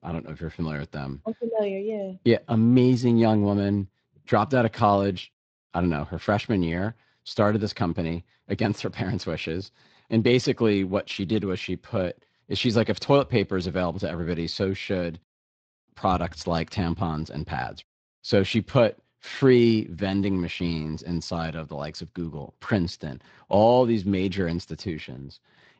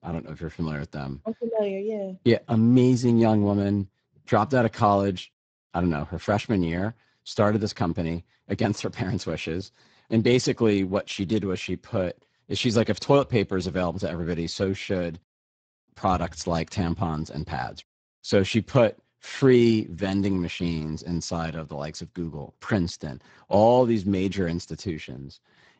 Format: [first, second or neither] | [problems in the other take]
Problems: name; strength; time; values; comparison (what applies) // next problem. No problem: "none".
first | garbled, watery; badly; nothing above 7.5 kHz; slightly in the first